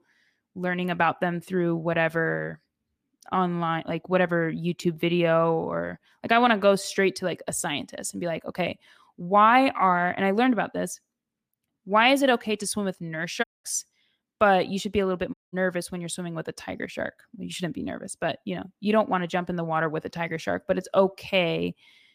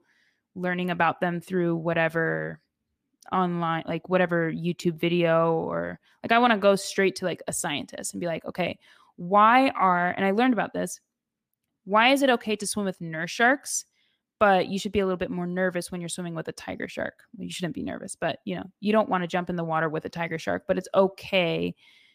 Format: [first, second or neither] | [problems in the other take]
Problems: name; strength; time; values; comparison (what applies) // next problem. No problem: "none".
second | audio cutting out; at 13 s and at 15 s